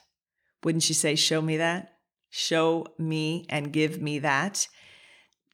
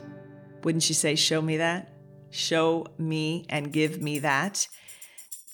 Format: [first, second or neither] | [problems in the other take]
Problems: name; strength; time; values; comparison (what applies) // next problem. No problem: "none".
first | background music; faint; throughout; 20 dB below the speech